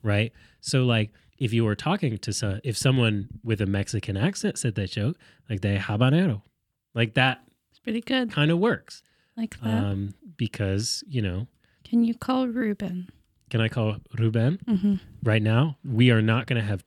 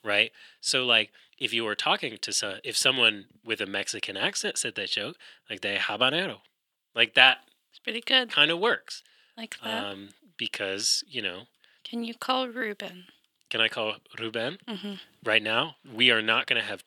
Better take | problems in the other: first | thin; very; fading below 550 Hz

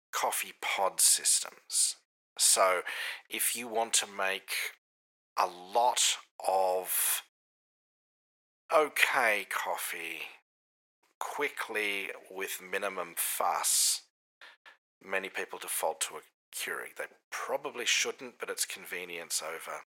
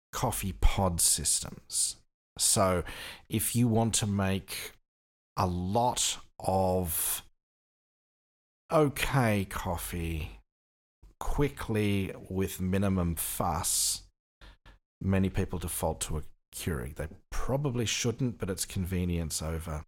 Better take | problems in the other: second | thin; very; fading below 500 Hz

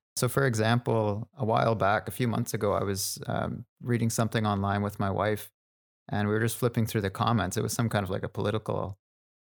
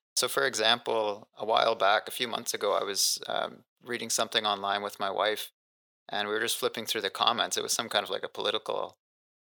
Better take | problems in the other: first | thin; very; fading below 500 Hz

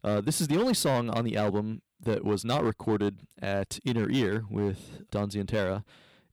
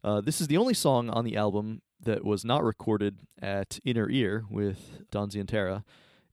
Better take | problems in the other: second | distortion; slight; 6% of the sound clipped

